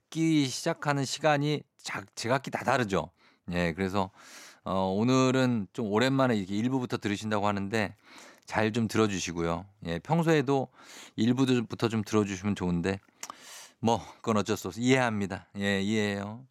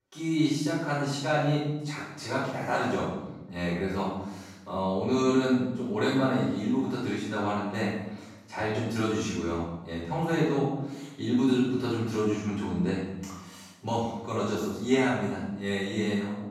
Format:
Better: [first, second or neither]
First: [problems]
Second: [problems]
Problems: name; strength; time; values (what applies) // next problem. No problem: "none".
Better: first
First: none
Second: off-mic speech; far // room echo; strong; dies away in 0.9 s